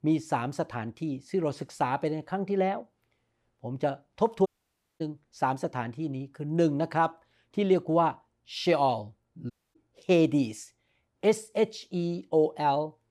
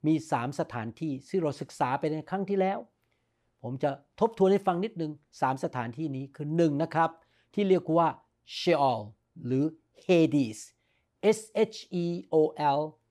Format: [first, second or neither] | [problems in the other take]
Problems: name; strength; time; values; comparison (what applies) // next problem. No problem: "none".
second | audio cutting out; at 4.5 s for 0.5 s and at 9.5 s